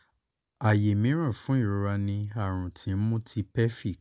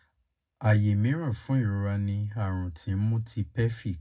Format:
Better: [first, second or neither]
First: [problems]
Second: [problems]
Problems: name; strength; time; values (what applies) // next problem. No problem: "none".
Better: first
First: none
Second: room echo; dies away in 0.3 s